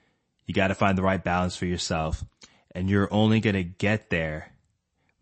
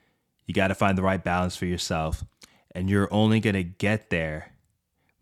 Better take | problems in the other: second | garbled, watery; slightly; nothing above 8 kHz

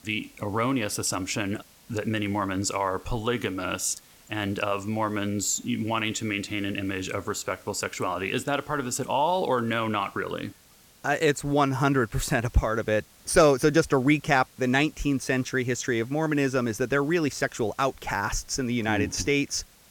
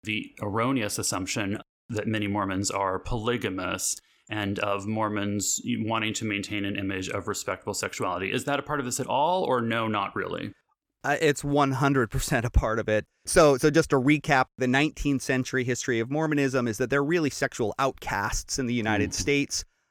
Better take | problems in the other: second | hiss; faint; throughout; 25 dB below the speech

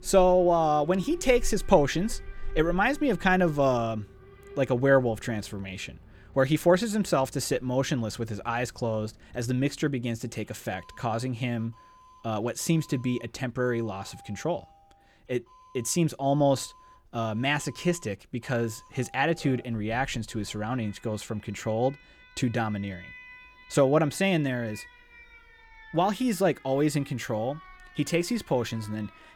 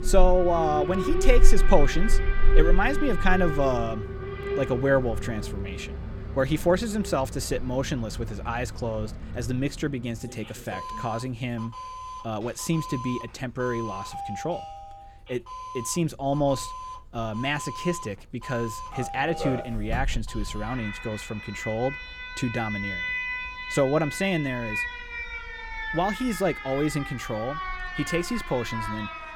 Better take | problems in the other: first | alarms or sirens; loud; throughout; 4 dB below the speech; faint in the first

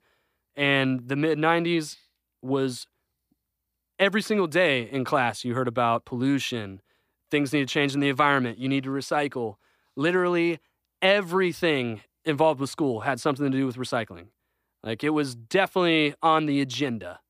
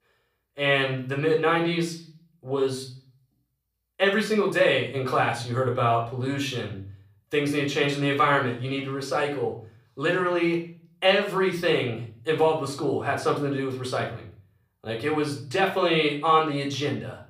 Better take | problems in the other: first | room echo; slight; dies away in 0.4 s // off-mic speech; somewhat distant

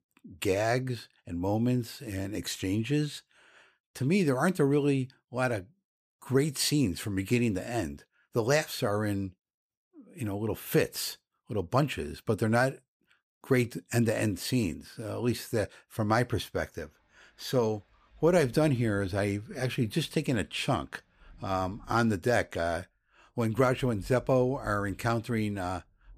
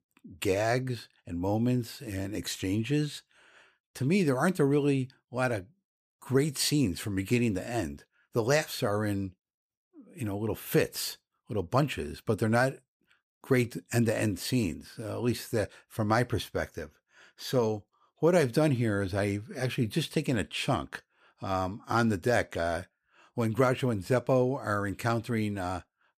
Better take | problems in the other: second | rain or running water; faint; from 17 s on; 25 dB below the speech

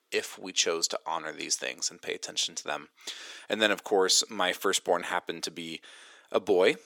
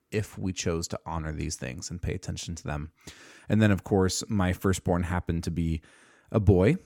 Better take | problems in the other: second | thin; very; fading below 400 Hz

